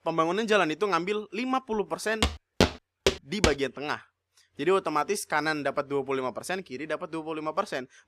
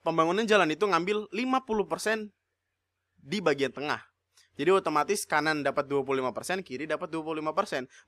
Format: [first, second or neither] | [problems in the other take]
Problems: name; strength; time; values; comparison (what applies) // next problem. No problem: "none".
second | footsteps; loud; from 2 to 3.5 s; peak 3 dB above the speech